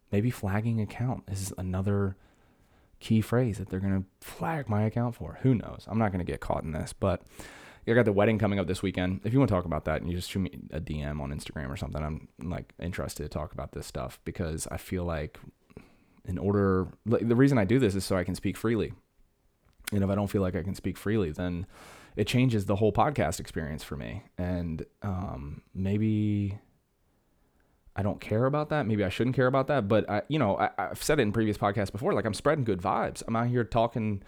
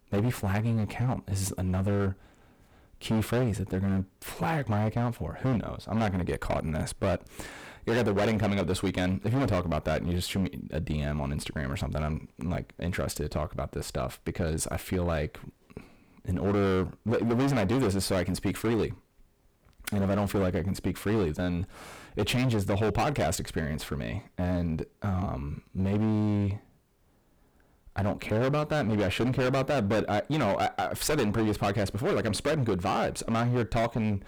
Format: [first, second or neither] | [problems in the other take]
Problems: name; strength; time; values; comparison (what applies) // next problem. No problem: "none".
first | distortion; heavy; 15% of the sound clipped